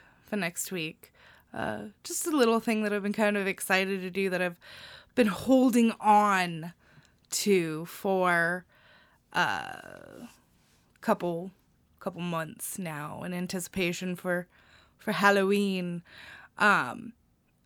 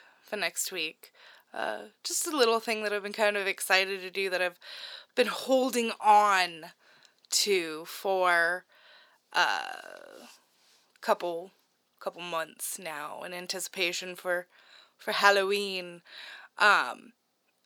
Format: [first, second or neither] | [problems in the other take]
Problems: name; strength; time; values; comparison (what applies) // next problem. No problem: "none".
first | thin; somewhat; fading below 500 Hz